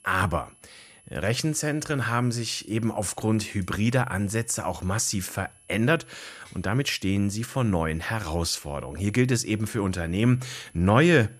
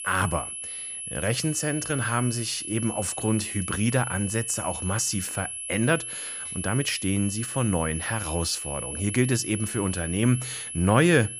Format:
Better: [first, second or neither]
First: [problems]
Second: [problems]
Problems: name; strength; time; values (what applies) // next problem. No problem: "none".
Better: first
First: high-pitched whine; faint; throughout; 11 kHz, 30 dB below the speech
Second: high-pitched whine; loud; throughout; 11 kHz, 6 dB below the speech